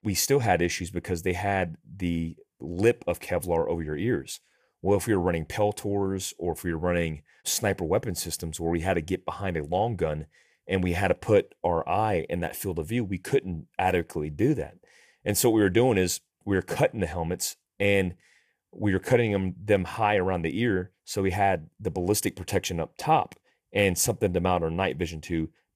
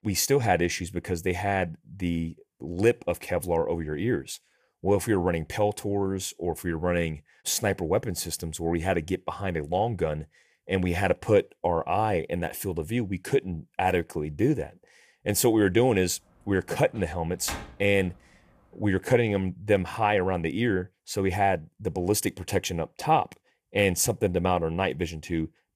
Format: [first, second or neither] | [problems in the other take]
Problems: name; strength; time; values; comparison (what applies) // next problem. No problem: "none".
first | door banging; noticeable; from 17 to 18 s; peak 10 dB below the speech